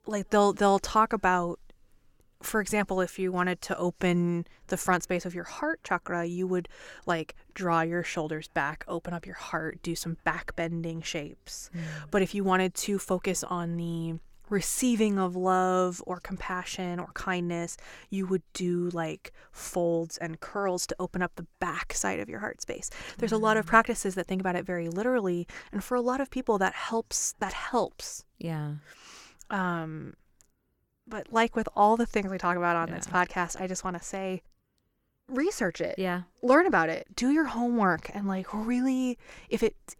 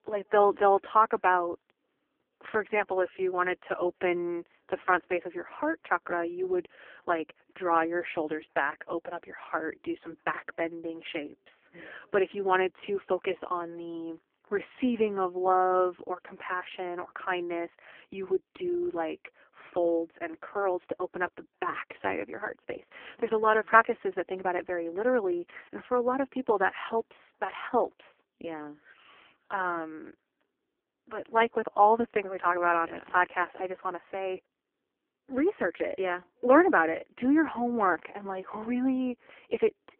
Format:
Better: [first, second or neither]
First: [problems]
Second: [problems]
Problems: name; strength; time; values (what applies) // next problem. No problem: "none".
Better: first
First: none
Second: phone-call audio; poor line